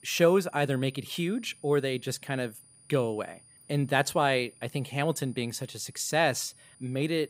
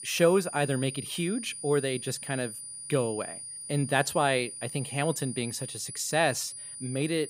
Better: first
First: high-pitched whine; faint; throughout; 9.5 kHz, 25 dB below the speech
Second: high-pitched whine; loud; throughout; 9.5 kHz, 9 dB below the speech

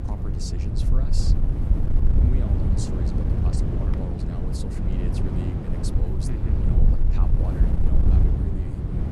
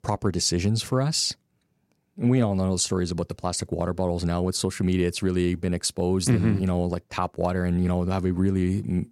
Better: second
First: wind noise on the microphone; heavy; 4 dB above the speech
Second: none

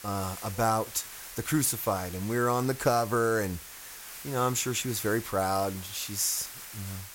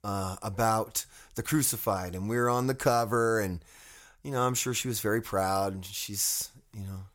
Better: second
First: hiss; noticeable; throughout; 10 dB below the speech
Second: none

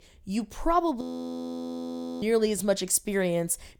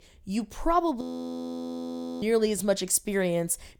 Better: neither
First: audio freezing; at 1 s for 1 s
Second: audio freezing; at 1 s for 1 s

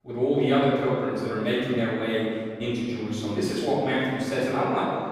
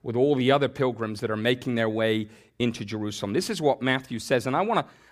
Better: second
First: off-mic speech; far // room echo; strong; dies away in 1.9 s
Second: none

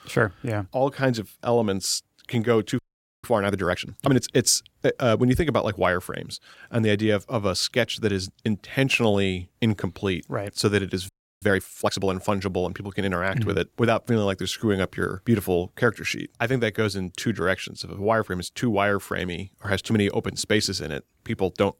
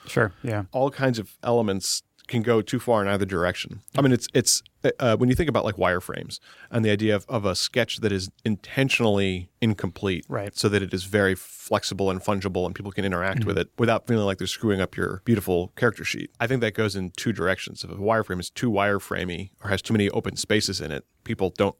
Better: second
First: audio freezing; at 3 s and at 11 s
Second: none

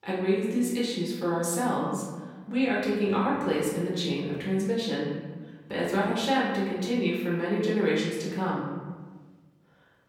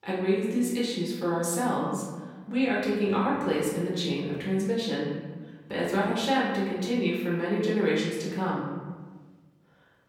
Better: neither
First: room echo; noticeable; dies away in 1.2 s // off-mic speech; far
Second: room echo; noticeable; dies away in 1.2 s // off-mic speech; far

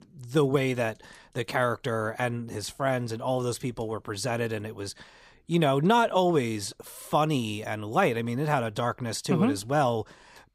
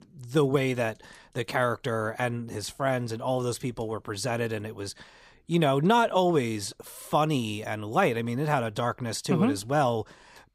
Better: neither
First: none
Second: none

